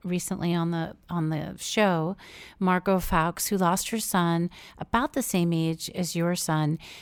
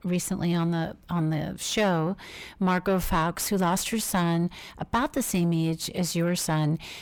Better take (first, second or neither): first